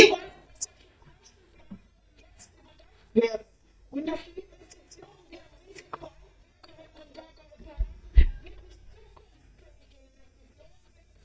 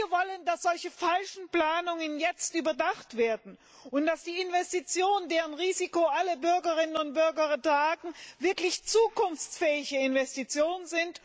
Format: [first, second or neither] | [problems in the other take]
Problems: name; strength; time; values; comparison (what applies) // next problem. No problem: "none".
second | noise reduction (neural mask model DeepFilterNet 3)